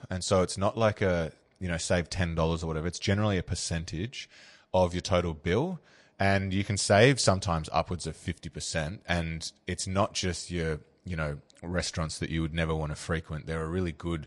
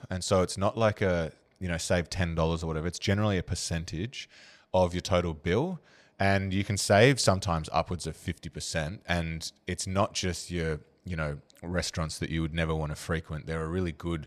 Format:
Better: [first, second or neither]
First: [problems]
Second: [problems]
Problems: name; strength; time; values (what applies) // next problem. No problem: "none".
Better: second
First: garbled, watery; slightly; nothing above 9.5 kHz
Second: none